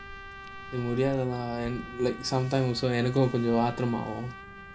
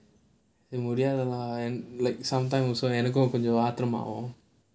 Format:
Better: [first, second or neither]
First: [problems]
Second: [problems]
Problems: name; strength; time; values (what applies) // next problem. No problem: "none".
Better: second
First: background sound (Drip / Water + Trumpet); 14 dB below the speech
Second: none